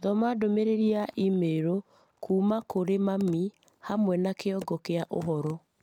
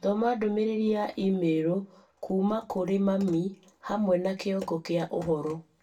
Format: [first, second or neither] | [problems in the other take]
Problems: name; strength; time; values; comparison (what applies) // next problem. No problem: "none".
first | room echo; dies away in 0.2 s